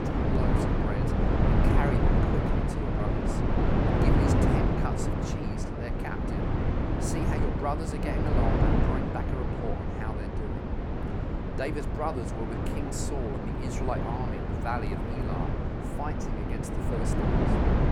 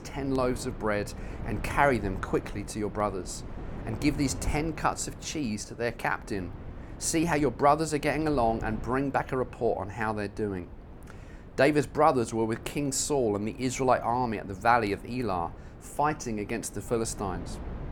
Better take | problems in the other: second | wind noise on the microphone; heavy; 4 dB above the speech; occasional gusts in the second

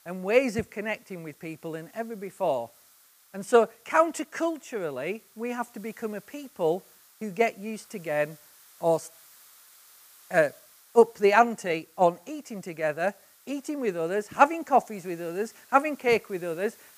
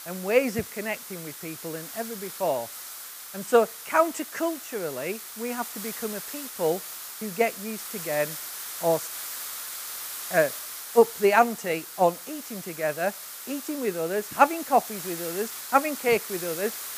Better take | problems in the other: first | hiss; loud; throughout; 9 dB below the speech; faint in the first

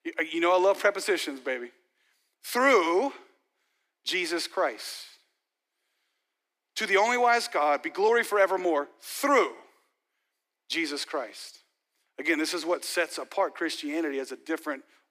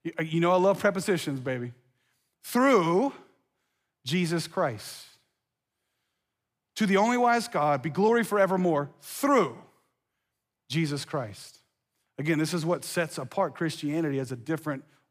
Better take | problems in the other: second | thin; somewhat; fading below 300 Hz

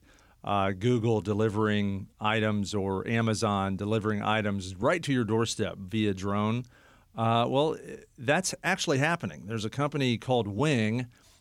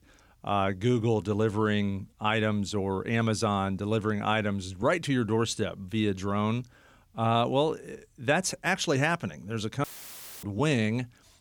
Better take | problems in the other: first | audio cutting out; filled with static; at 10 s for 0.5 s

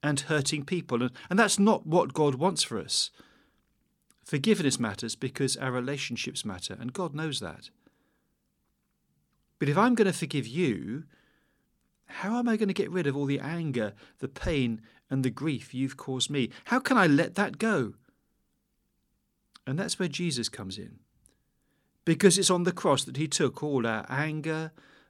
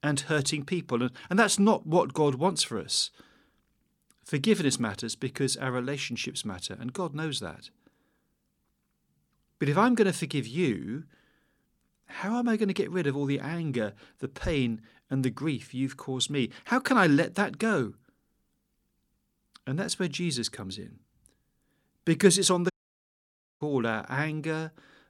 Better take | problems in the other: first | audio cutting out; at 23 s for 1 s

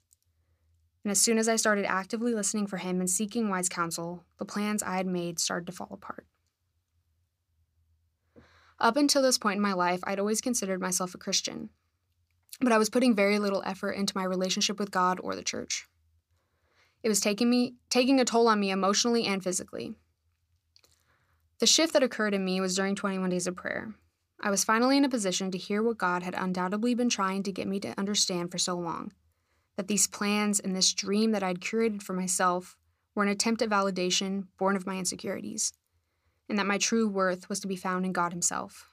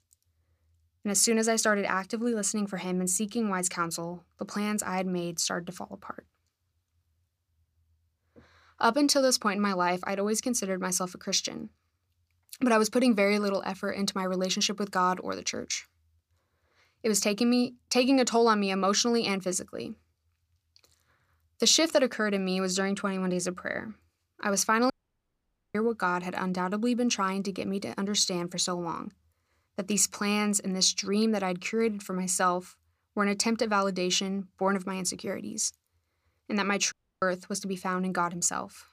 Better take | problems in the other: first | audio cutting out; at 25 s for 1 s and at 37 s

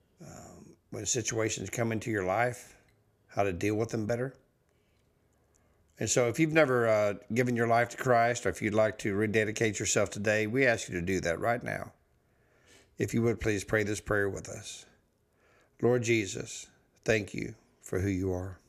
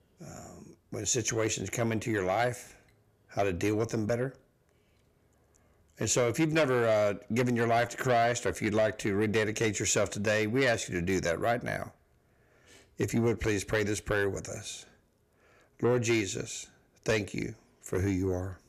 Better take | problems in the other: first | distortion; slight; 10 dB below the speech

